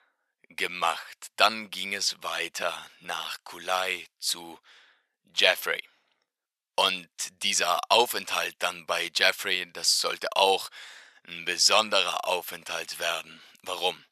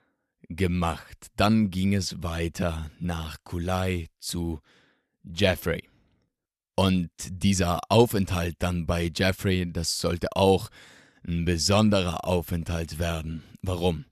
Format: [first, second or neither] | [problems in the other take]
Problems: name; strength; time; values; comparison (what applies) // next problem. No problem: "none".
second | thin; very; fading below 850 Hz